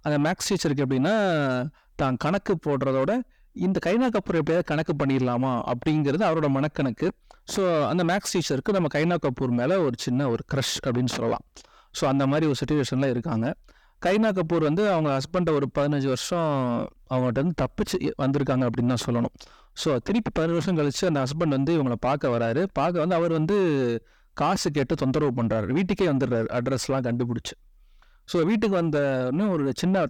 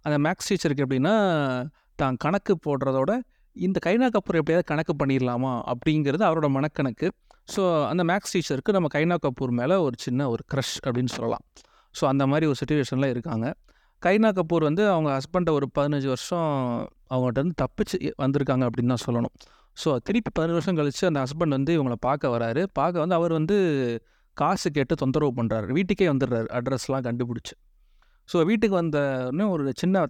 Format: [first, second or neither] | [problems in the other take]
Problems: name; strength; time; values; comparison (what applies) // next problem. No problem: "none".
second | distortion; slight; 10 dB below the speech